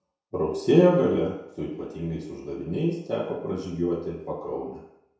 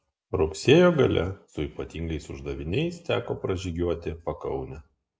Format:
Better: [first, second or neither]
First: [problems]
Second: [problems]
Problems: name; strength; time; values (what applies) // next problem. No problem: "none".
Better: second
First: room echo; dies away in 0.7 s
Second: none